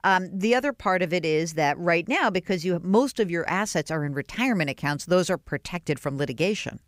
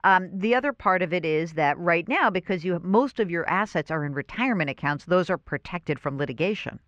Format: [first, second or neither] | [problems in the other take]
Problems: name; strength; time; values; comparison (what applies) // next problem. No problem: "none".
first | muffled; slightly; fading above 2.5 kHz